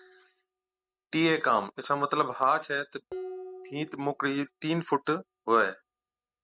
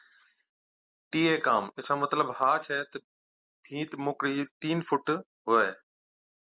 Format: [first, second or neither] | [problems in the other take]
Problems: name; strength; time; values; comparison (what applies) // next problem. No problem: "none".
second | noise reduction (neural mask model RNNoise)